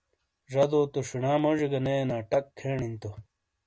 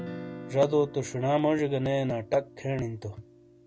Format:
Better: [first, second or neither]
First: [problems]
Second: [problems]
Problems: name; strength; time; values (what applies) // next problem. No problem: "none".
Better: first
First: none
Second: background sound (Guitar); 15 dB below the speech